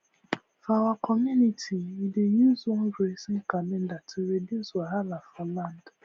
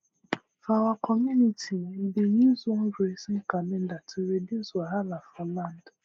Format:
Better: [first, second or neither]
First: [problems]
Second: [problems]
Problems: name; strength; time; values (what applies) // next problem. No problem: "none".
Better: first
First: none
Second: noise reduction (neural mask model Resemble Enhance denoiser)